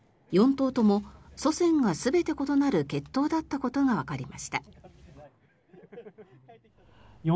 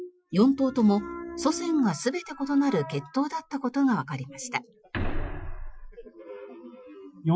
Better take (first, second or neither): first